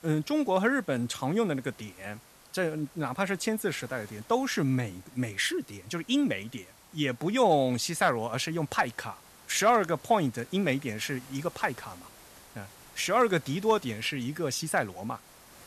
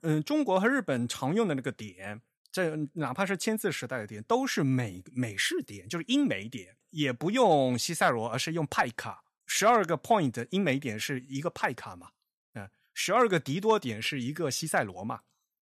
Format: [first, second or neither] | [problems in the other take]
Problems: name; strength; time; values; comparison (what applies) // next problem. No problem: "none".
second | hiss; faint; throughout; 25 dB below the speech